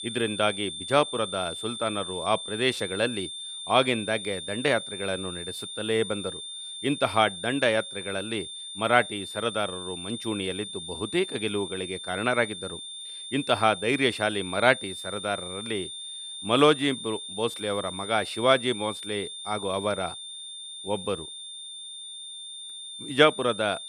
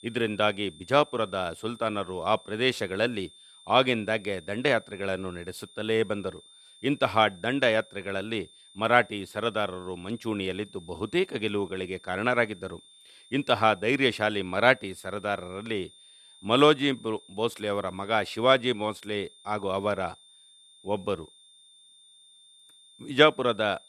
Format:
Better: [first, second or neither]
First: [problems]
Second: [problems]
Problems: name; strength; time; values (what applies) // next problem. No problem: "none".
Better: second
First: high-pitched whine; loud; throughout; 3.5 kHz, 9 dB below the speech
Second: high-pitched whine; faint; throughout; 3.5 kHz, 25 dB below the speech